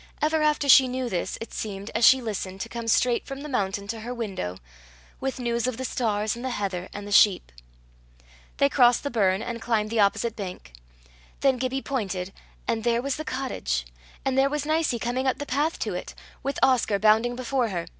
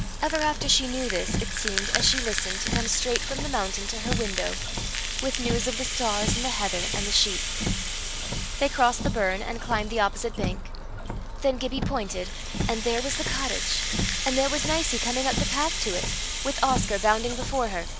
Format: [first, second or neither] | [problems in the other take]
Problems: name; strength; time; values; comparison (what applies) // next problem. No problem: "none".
first | background sound (Rattle (instrument) + Car); as loud as the speech